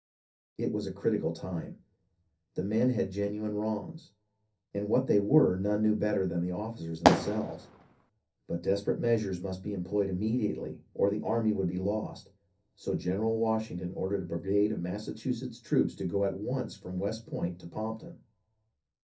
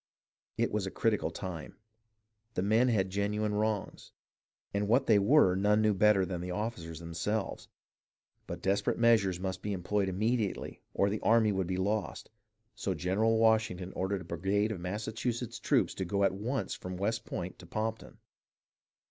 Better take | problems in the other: second | background sound (Fireworks); 3 dB above the speech // room echo; dies away in 0.3 s

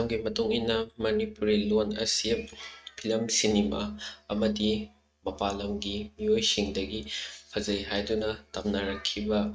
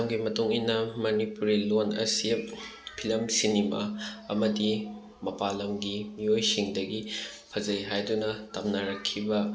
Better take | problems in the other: second | noise reduction (neural mask model RNNoise)

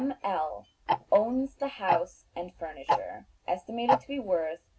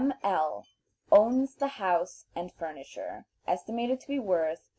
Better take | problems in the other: second | background sound (Tick-tock); 3 dB below the speech // room echo; dies away in 0.2 s

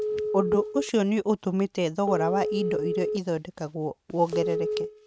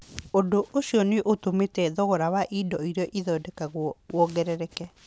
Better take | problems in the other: second | noise reduction (neural mask model RNNoise)

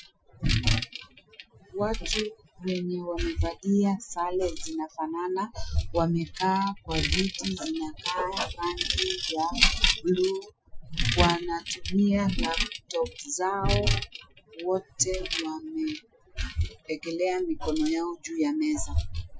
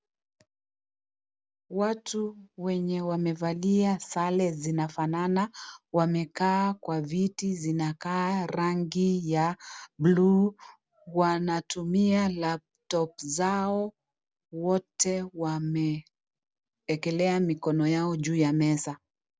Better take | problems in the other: second | noise reduction (classical method Wiener filter)

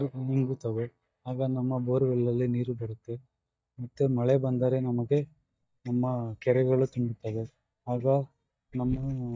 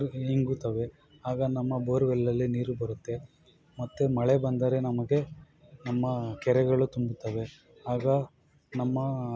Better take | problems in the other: second | noise reduction (neural mask model DeepFilterNet 3)

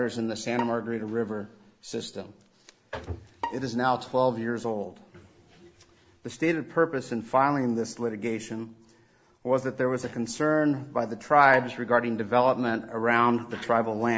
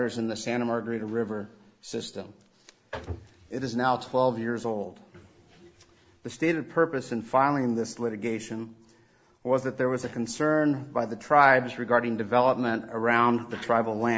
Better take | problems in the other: second | background sound (Bowed string instrument); 15 dB below the speech

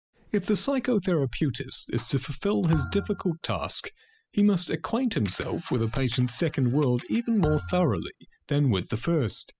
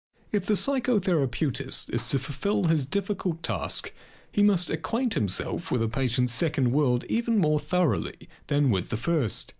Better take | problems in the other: second | noise reduction (classical method spectral subtraction)

